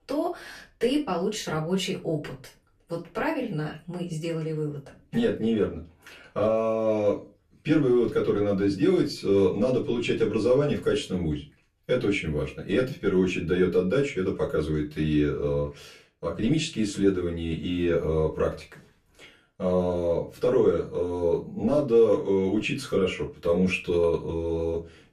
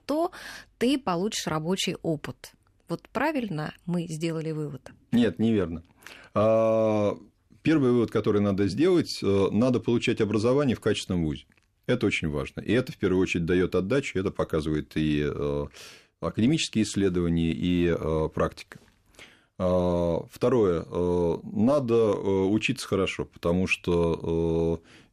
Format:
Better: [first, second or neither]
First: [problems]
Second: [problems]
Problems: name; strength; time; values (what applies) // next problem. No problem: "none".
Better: second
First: off-mic speech; far // room echo; very slight; dies away in 0.2 s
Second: none